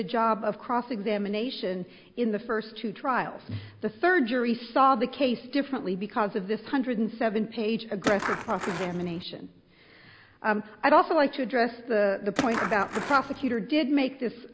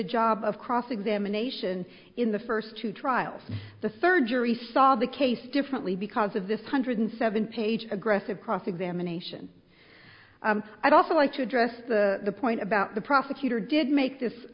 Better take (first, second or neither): second